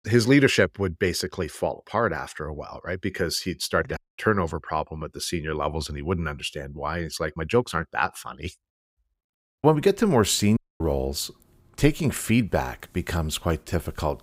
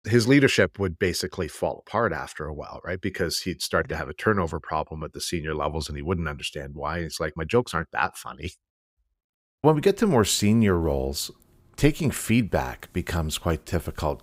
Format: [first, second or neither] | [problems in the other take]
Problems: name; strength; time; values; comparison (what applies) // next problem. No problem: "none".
second | audio cutting out; at 4 s and at 11 s